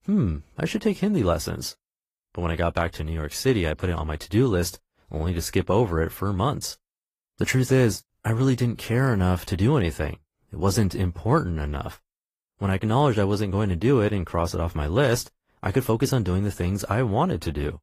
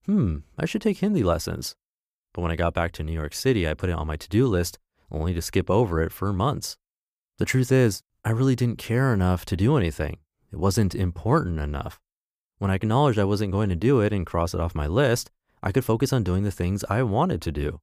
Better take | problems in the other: second | garbled, watery; slightly; nothing above 15 kHz

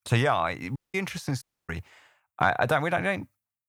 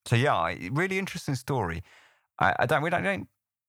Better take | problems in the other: second | audio cutting out; at 1 s and at 1.5 s

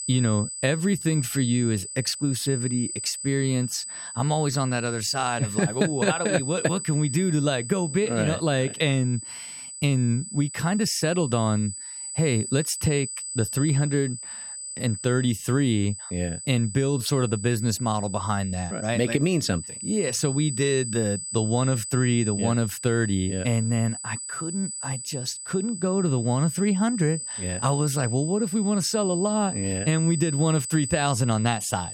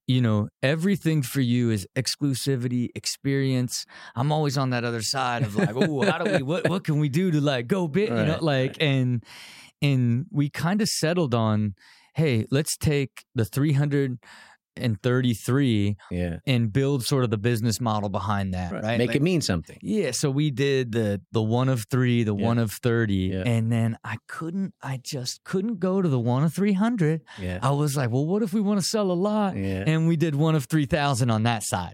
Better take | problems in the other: second | high-pitched whine; loud; throughout; 8 kHz, 7 dB below the speech

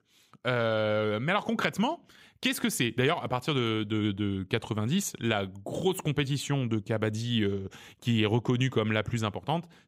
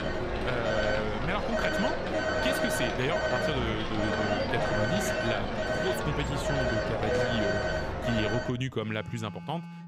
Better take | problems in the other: first | alarms or sirens; very loud; throughout; 4 dB above the speech

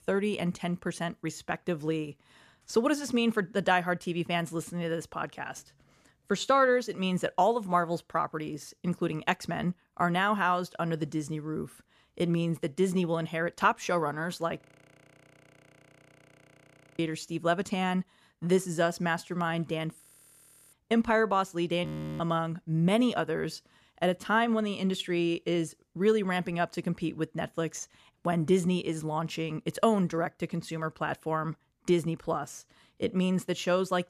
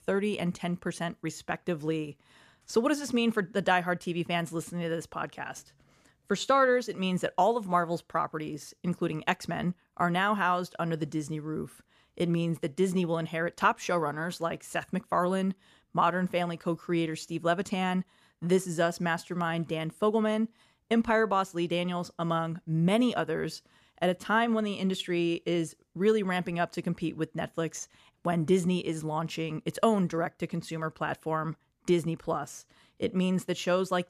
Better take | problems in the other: second | audio freezing; at 15 s for 2.5 s, at 20 s for 0.5 s and at 22 s

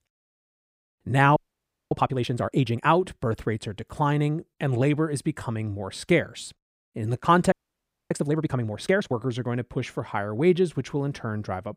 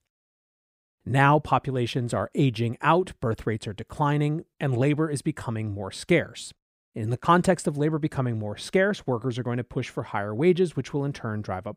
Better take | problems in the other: second | audio freezing; at 1.5 s for 0.5 s and at 7.5 s for 0.5 s

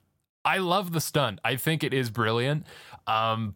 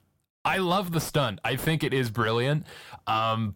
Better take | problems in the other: first | distortion; slight; 10 dB below the speech

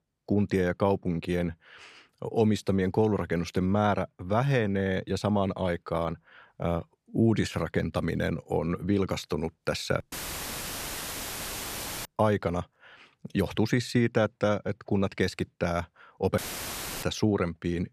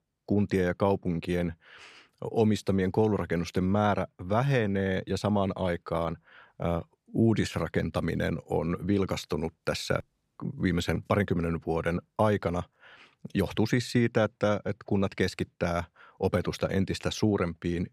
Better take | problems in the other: second | audio cutting out; filled with static; at 10 s for 2 s and at 16 s for 0.5 s

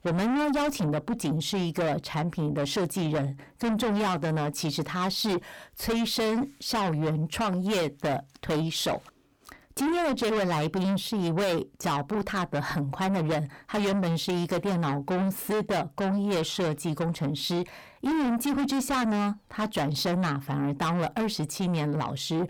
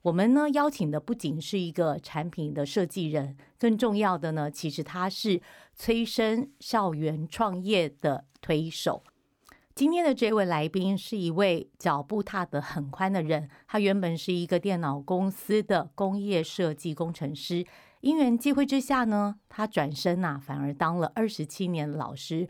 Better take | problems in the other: second | distortion; heavy; 6 dB below the speech

